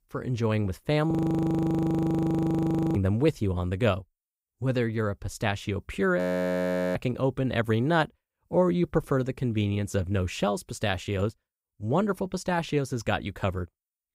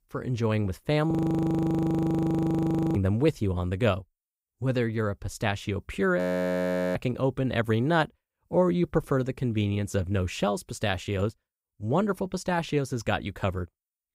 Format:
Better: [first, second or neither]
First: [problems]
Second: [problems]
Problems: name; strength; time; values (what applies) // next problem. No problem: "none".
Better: neither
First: audio freezing; at 1 s for 2 s and at 6 s for 1 s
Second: audio freezing; at 1 s for 2 s and at 6 s for 1 s